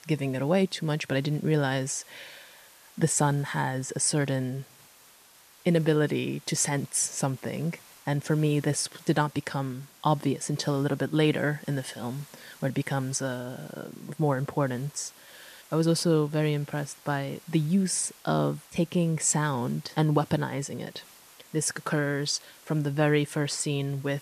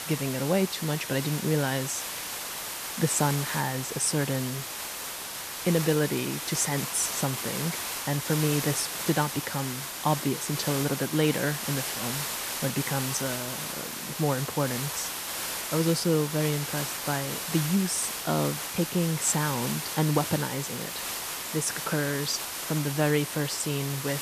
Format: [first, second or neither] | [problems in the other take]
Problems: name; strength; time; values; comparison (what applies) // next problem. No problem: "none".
first | hiss; loud; throughout; 3 dB below the speech; faint in the first